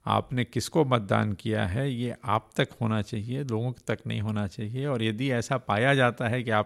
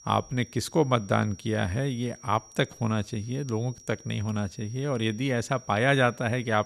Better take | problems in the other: first | high-pitched whine; faint; throughout; 5.5 kHz, 20 dB below the speech

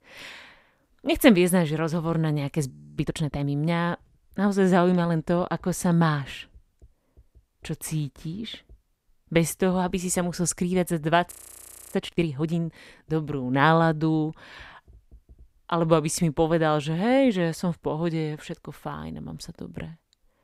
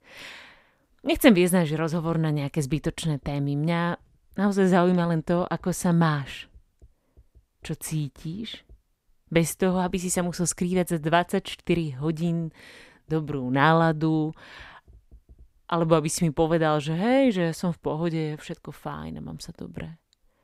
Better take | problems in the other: second | audio freezing; at 2.5 s and at 11 s for 0.5 s

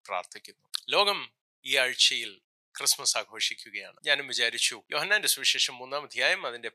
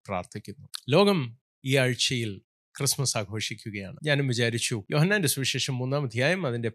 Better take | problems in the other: second | thin; very; fading below 850 Hz

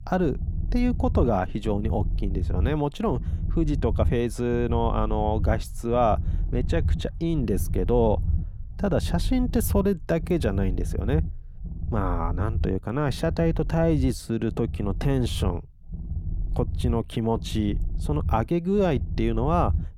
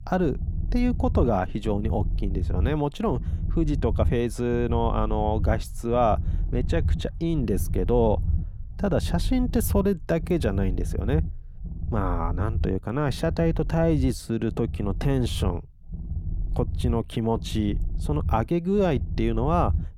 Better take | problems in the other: neither | low rumble; noticeable; throughout; 20 dB below the speech; the same in both

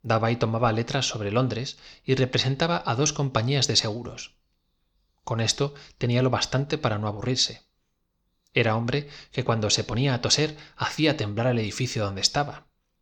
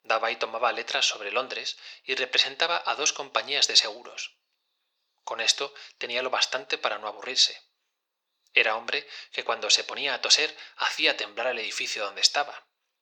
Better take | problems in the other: first | thin; very; fading below 550 Hz

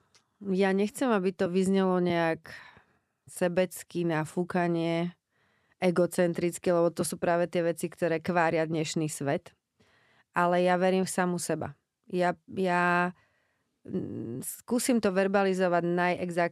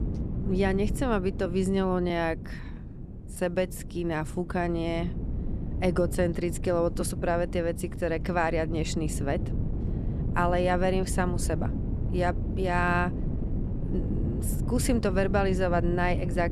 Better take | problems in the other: first | wind noise on the microphone; occasional gusts; 15 dB below the speech

